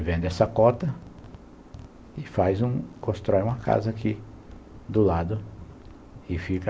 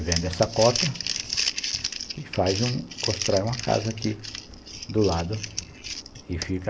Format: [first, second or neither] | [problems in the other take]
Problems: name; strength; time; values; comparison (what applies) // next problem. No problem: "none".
first | background sound (Crumpling, crinkling); 5 dB below the speech